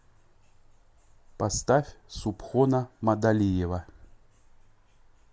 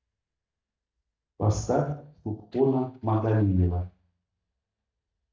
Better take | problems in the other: first | noise reduction (neural mask model DeepFilterNet 3)

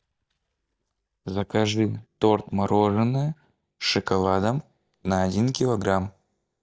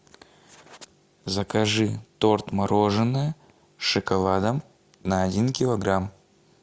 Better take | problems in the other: second | noise reduction (neural mask model DeepFilterNet 3)

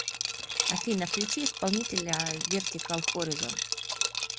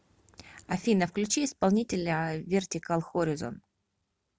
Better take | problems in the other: second | background sound (Liquid); 2 dB above the speech

